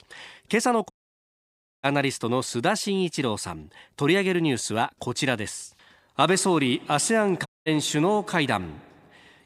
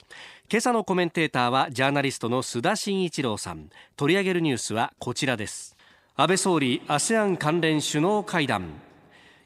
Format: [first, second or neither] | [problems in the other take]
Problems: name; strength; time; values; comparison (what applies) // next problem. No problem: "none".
second | audio cutting out; at 1 s for 1 s and at 7.5 s